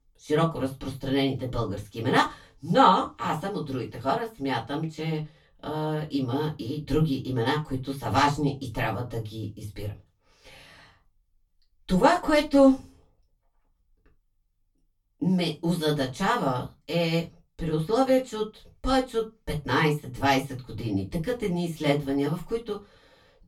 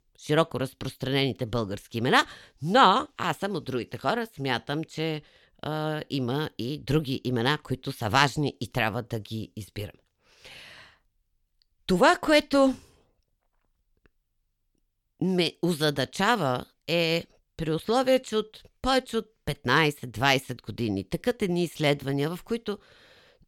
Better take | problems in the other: second | off-mic speech; far // room echo; very slight; dies away in 0.2 s

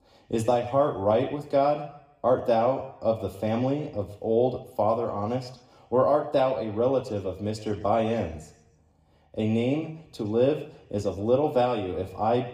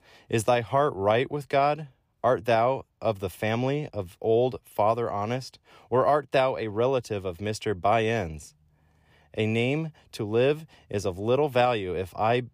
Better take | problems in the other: second | room echo; very slight; dies away in 0.7 s

